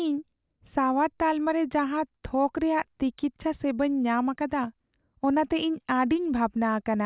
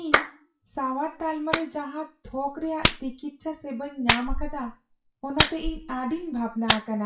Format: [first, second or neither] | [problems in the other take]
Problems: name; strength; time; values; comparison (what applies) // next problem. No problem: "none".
first | noise reduction (classical method WPE with log-MMSE)